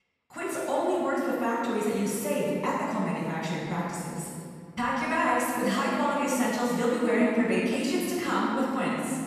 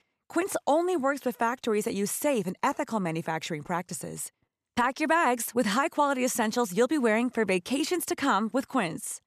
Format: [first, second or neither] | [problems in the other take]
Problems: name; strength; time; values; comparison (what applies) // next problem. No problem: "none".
second | off-mic speech; far // room echo; strong; dies away in 2.3 s